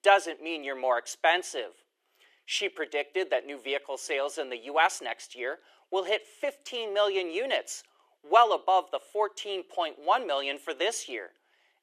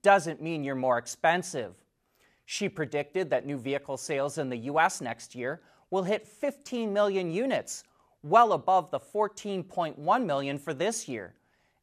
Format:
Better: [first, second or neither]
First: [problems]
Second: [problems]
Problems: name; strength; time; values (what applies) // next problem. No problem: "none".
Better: second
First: thin; very; fading below 350 Hz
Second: none